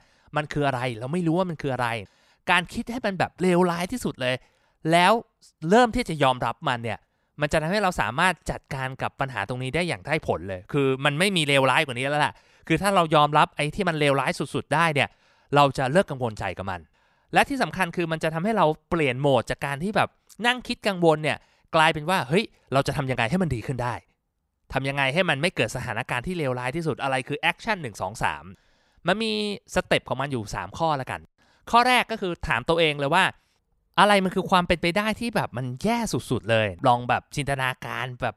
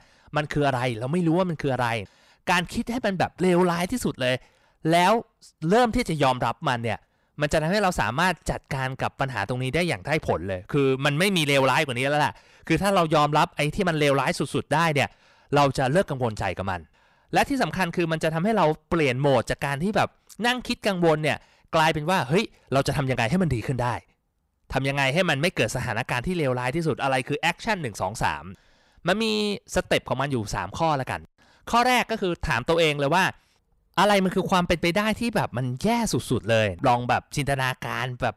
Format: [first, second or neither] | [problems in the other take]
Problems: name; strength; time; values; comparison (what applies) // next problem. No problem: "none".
first | distortion; slight; 10 dB below the speech